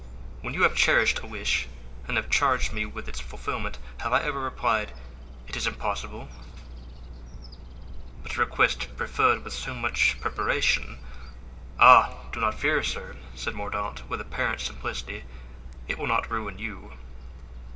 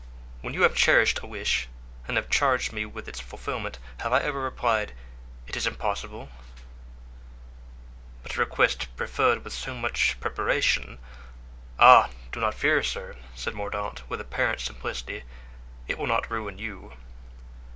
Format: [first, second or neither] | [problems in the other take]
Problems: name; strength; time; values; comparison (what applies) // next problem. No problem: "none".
second | background sound (Bird vocalization, bird call, bird song); 12 dB below the speech // room echo; dies away in 0.3 s